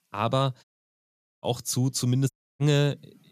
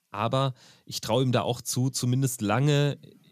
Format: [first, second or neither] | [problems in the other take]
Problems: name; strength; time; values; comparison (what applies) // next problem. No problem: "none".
second | audio cutting out; at 0.5 s for 1 s and at 2.5 s